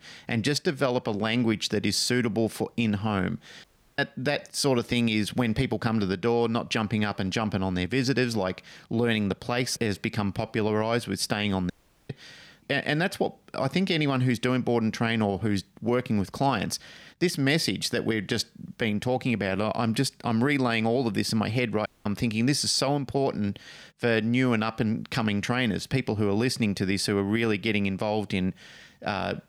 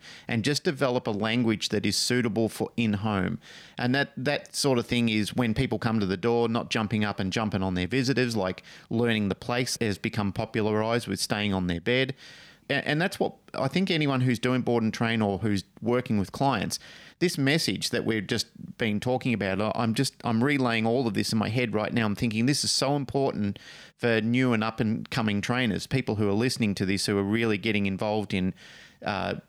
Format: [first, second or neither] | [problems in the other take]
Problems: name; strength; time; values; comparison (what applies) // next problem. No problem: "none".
second | audio cutting out; at 3.5 s, at 12 s and at 22 s